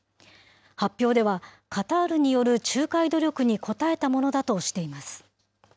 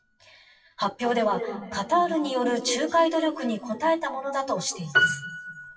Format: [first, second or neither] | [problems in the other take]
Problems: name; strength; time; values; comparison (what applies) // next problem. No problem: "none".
first | noise reduction (classical method WPE with log-MMSE)